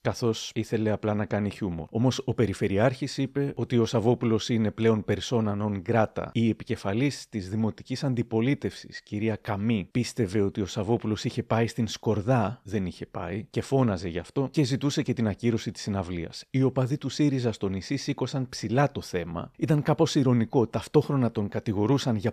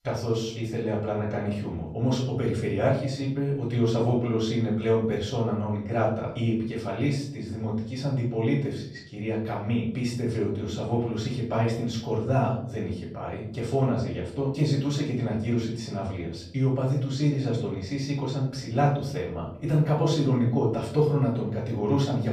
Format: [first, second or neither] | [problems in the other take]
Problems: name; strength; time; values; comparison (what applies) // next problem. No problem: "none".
first | room echo; noticeable; dies away in 0.6 s // off-mic speech; far